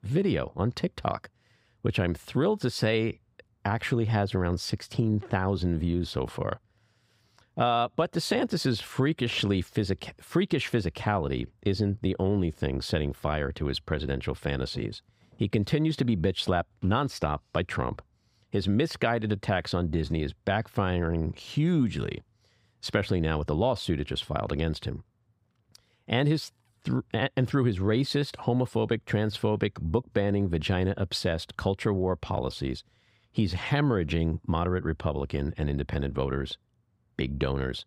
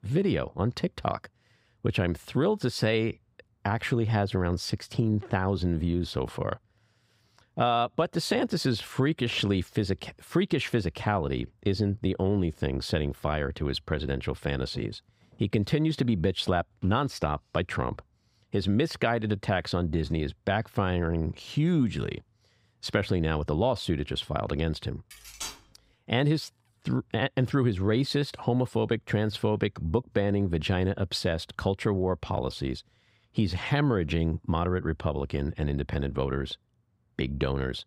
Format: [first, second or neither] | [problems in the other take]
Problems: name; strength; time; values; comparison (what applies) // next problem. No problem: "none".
first | clattering dishes; noticeable; at 25 s; peak 9 dB below the speech